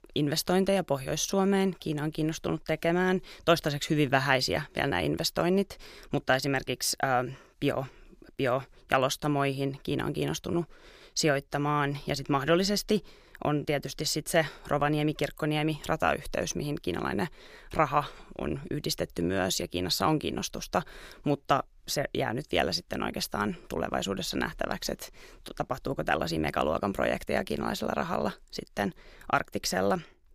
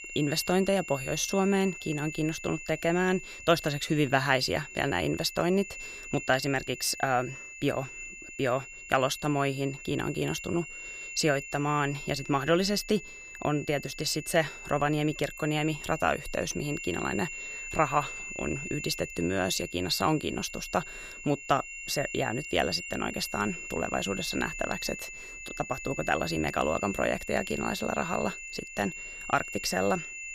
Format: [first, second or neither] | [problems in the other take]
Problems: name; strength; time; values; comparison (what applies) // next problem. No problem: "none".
first | high-pitched whine; loud; throughout; 2.5 kHz, 9 dB below the speech